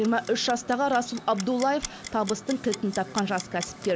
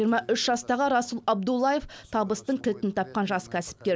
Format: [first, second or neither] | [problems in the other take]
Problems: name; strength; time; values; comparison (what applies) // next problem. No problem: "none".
second | background sound (Clock); 13 dB below the speech